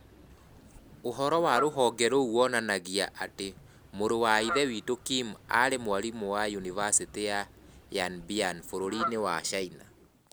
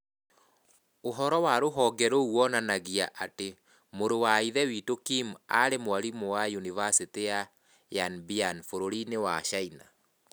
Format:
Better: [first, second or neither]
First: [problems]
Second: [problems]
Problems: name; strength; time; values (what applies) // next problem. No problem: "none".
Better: second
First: background sound (Fowl); 13 dB below the speech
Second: none